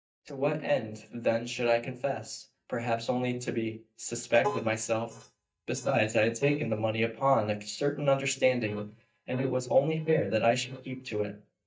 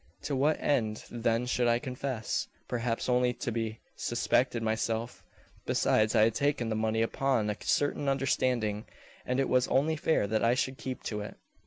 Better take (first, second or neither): second